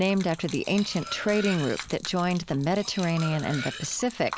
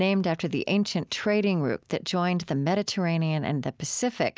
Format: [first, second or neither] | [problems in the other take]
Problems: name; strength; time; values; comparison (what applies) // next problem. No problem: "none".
second | background sound (Cutlery, silverware + Gurgling / Liquid); 12 dB below the speech